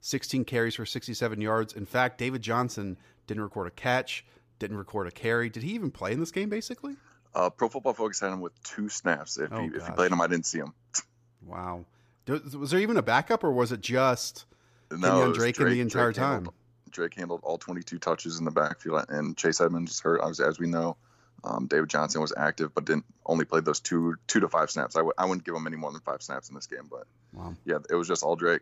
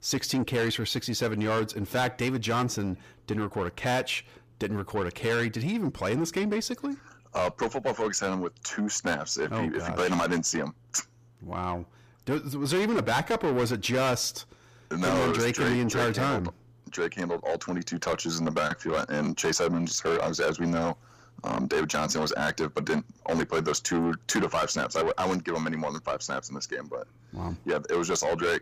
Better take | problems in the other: first | distortion; heavy; 6 dB below the speech

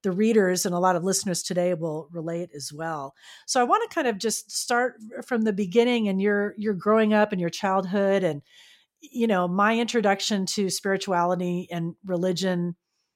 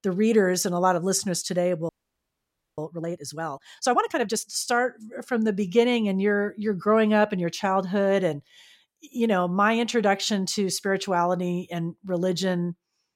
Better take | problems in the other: first | audio freezing; at 2 s for 1 s

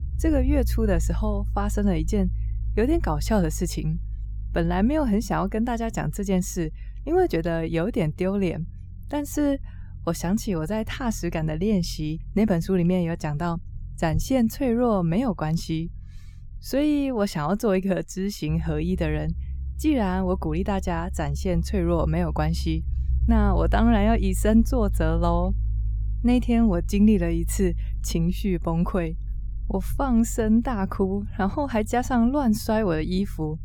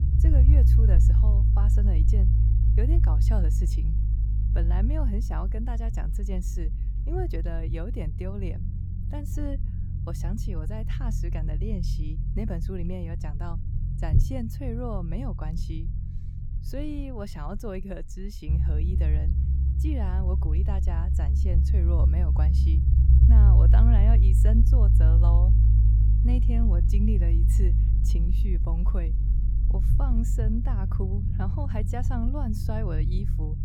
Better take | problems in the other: first | low rumble; loud; throughout; 2 dB below the speech; faint in the first

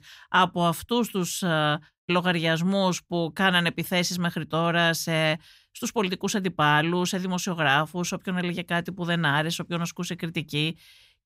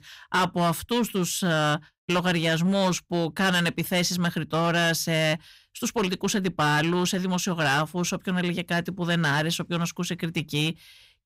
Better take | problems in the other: first | distortion; slight; 9% of the sound clipped

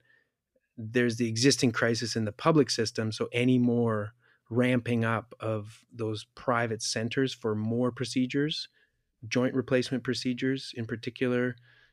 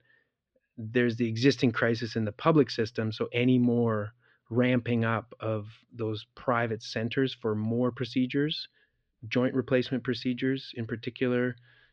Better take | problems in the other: first | muffled; very slightly; fading above 4 kHz

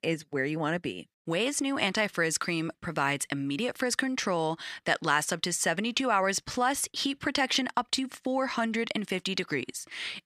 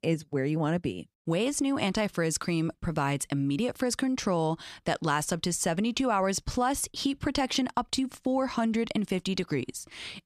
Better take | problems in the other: second | thin; very slightly; fading below 600 Hz

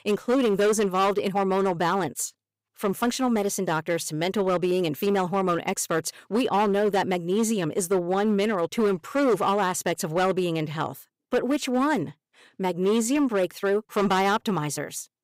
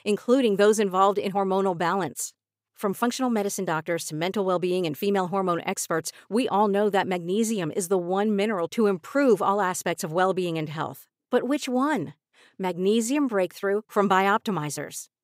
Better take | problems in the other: second | distortion; slight; 8% of the sound clipped

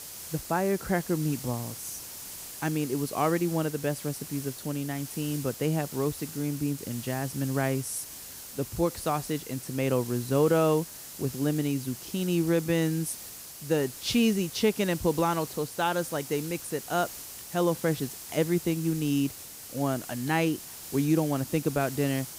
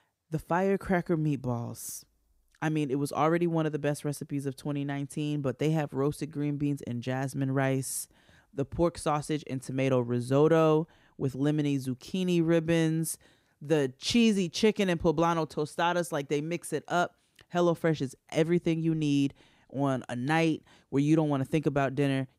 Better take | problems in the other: second | hiss; noticeable; throughout; 10 dB below the speech

